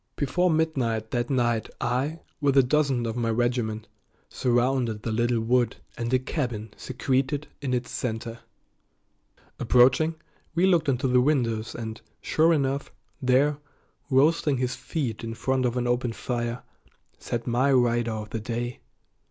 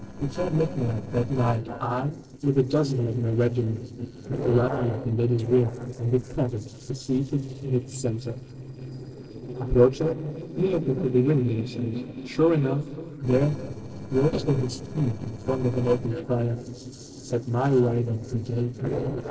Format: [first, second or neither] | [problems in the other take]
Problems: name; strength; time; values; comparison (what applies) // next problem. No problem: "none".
first | noise reduction (neural separator model SepFormer DNS4)